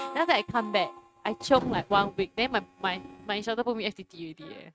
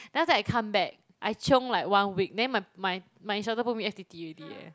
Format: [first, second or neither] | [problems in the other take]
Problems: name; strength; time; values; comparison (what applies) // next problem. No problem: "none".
second | noise reduction (neural mask model RNNoise)